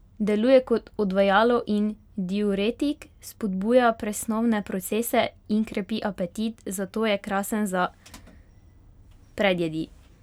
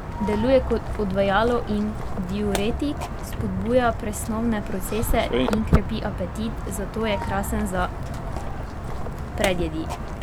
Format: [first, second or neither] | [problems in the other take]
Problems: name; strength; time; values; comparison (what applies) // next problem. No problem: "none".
first | background sound (Walk, footsteps); 2 dB below the speech